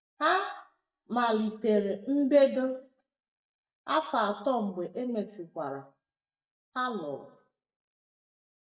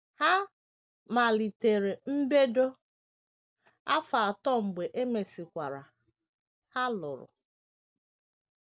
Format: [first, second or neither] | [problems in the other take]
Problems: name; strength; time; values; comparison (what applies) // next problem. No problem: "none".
second | noise reduction (neural mask model DeepFilterNet 3)